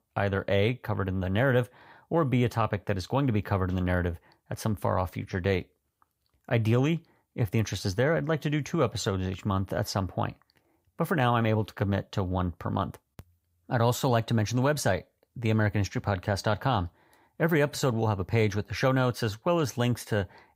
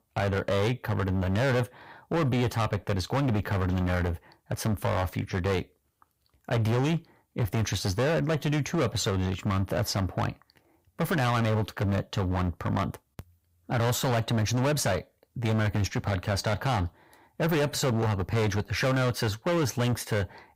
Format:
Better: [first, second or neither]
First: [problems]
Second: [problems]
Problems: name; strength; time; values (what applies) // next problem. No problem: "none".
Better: first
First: none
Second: distortion; heavy; 21% of the sound clipped